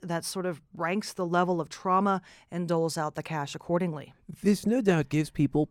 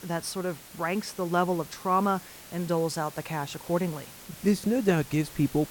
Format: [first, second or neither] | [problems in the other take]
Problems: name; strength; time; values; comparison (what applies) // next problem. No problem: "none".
first | hiss; noticeable; throughout; 15 dB below the speech